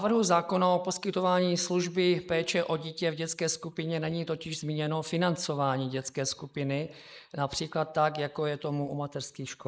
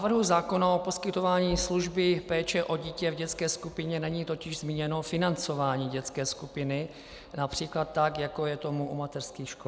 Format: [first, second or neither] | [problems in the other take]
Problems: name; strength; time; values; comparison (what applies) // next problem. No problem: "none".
second | noise reduction (neural mask model Resemble Enhance denoiser)